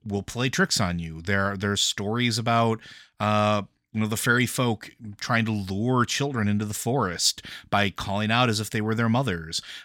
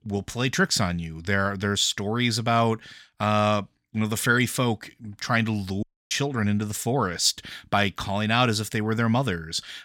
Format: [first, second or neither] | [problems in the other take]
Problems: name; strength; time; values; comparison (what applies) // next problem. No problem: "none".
first | audio cutting out; at 6 s